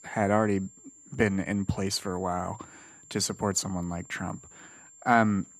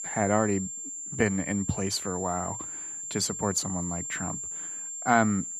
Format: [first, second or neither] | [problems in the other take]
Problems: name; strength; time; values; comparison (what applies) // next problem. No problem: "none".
first | high-pitched whine; loud; throughout; 7.5 kHz, 5 dB below the speech; faint in the first